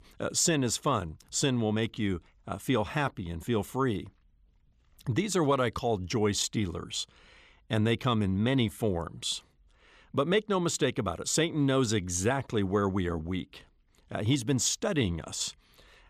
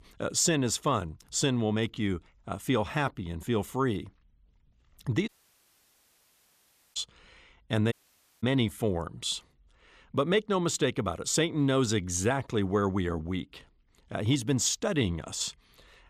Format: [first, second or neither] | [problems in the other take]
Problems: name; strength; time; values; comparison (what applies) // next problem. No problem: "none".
first | audio cutting out; at 5.5 s for 1.5 s and at 8 s for 0.5 s